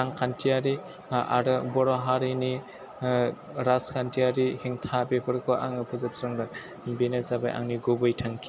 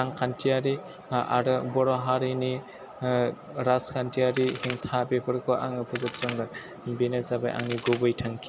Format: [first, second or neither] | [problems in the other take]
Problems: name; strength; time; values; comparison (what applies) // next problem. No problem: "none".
first | background sound (Crack); 10 dB below the speech